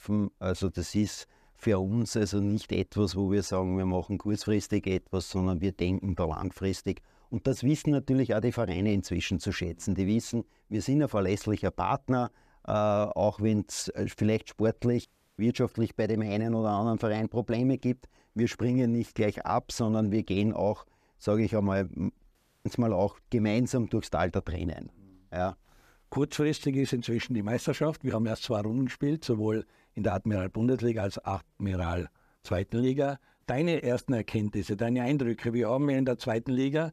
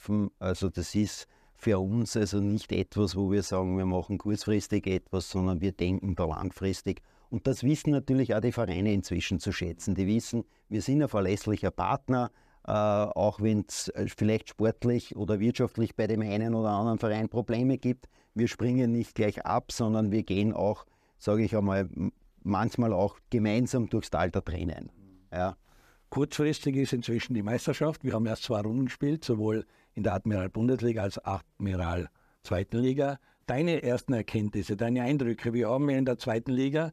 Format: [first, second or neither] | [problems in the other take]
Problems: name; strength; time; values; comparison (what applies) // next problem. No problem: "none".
second | audio cutting out; at 15 s and at 22 s